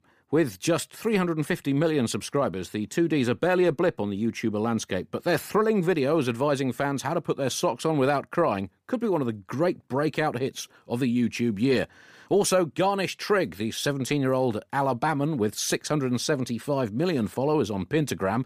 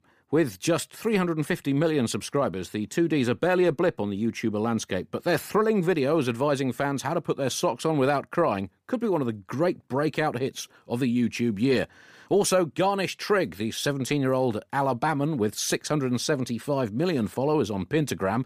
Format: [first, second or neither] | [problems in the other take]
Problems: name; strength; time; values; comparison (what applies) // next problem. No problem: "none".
neither | none